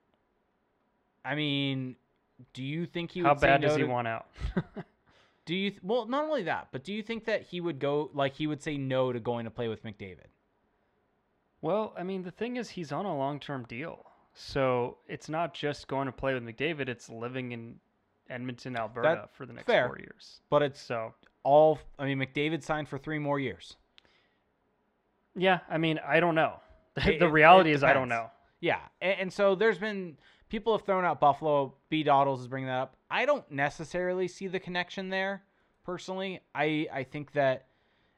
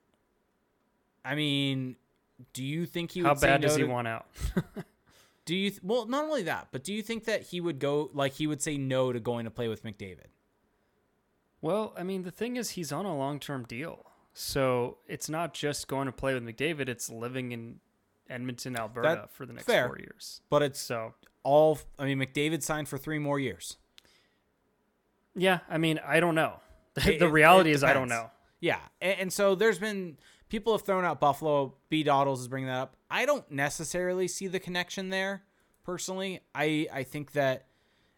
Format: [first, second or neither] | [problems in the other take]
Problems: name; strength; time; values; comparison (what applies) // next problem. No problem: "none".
second | muffled; slightly; fading above 3 kHz